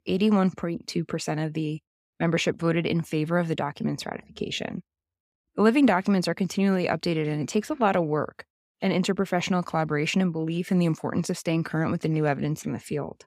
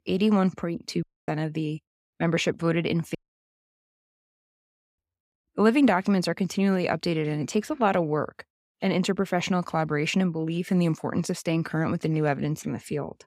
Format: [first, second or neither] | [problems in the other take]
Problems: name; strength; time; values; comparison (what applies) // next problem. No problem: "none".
first | audio cutting out; at 1 s and at 3 s for 2 s